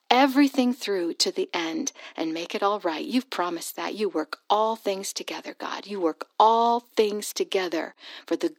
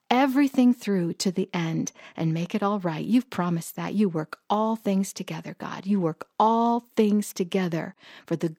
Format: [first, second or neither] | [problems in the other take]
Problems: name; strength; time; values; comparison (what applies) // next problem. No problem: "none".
second | thin; somewhat; fading below 300 Hz